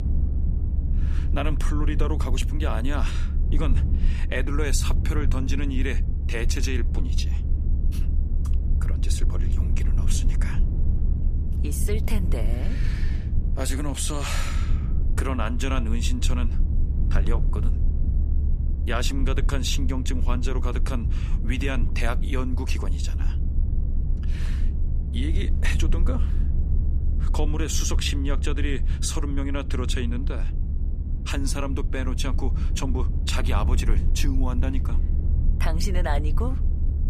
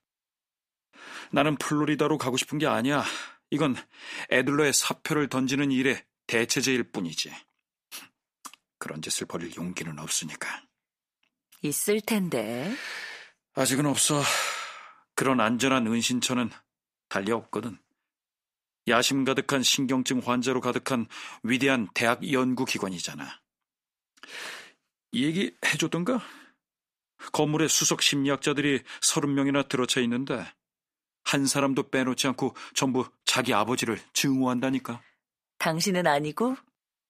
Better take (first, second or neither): second